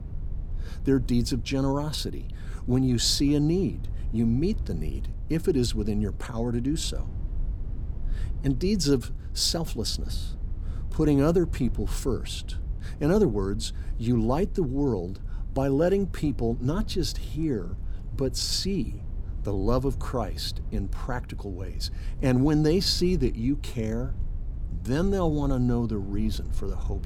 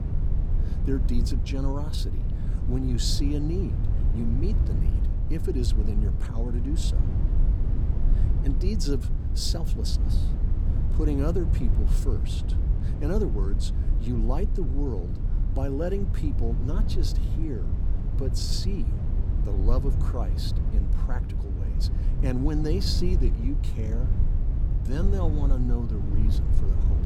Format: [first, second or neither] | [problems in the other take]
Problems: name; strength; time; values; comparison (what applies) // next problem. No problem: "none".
first | low rumble; loud; throughout; 7 dB below the speech; faint in the first